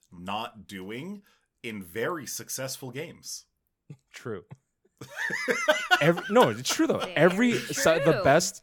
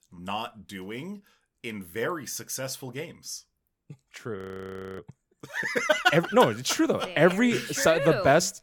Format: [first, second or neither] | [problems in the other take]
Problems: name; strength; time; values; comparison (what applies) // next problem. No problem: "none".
first | audio freezing; at 4.5 s for 0.5 s